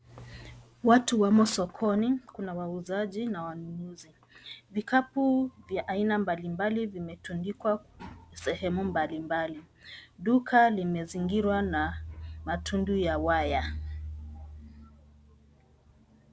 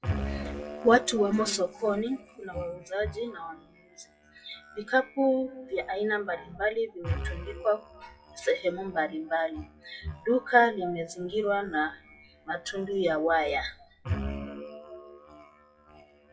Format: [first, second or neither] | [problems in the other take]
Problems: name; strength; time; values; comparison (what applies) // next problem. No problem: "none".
first | noise reduction (classical method WPE with log-MMSE)